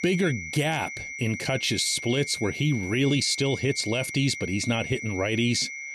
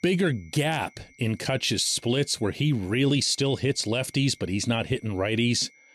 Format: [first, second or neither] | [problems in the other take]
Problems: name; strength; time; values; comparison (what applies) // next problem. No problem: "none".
second | high-pitched whine; loud; throughout; 2 kHz, 8 dB below the speech; faint in the second